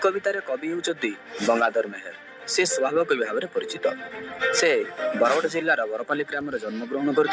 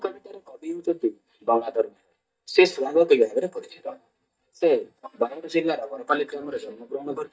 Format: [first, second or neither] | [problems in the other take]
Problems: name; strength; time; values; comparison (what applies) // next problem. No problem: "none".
first | noise reduction (neural mask model DeepFilterNet 3)